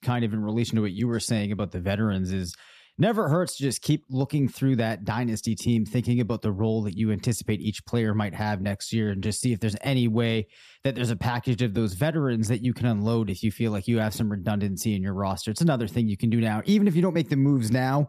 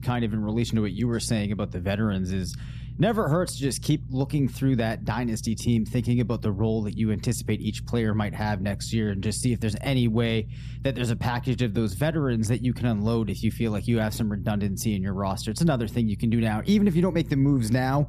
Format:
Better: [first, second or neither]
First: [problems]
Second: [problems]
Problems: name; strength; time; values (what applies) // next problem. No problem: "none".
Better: first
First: none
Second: low rumble; faint; throughout; 20 dB below the speech